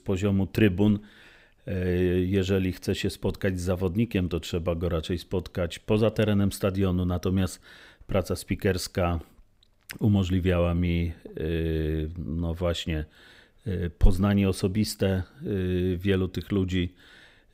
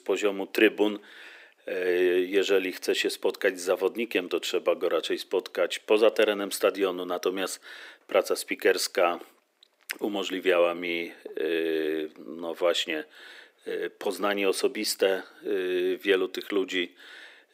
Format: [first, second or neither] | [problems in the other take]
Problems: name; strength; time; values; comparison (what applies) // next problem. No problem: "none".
first | thin; very; fading below 350 Hz